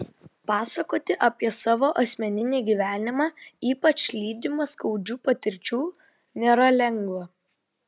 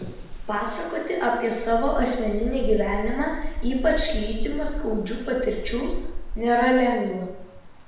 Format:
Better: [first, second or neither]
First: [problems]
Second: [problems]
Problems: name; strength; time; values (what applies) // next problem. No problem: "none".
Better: first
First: none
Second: background sound (Rain); 4 dB below the speech // room echo; dies away in 1 s